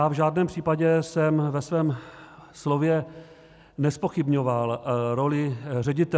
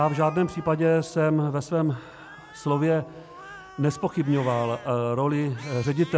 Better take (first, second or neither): first